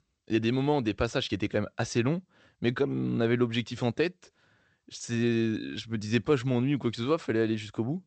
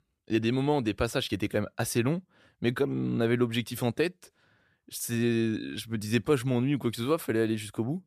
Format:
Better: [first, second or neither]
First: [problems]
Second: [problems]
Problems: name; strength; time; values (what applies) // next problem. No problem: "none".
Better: second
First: garbled, watery; slightly; nothing above 8 kHz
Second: none